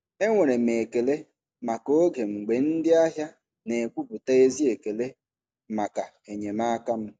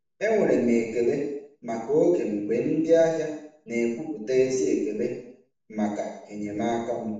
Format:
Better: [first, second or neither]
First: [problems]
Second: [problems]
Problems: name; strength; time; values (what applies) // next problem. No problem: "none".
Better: first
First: none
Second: room echo; dies away in 0.7 s